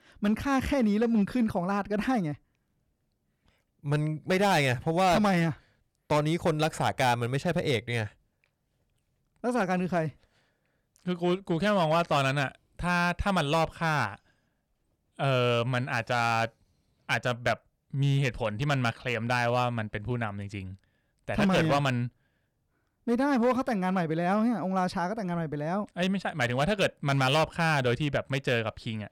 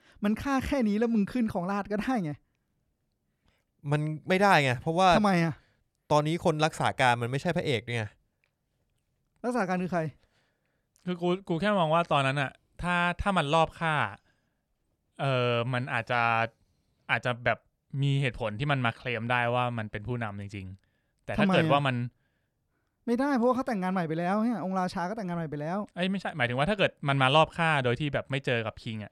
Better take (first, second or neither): second